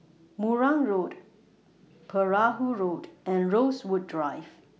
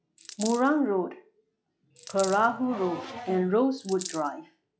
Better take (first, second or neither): first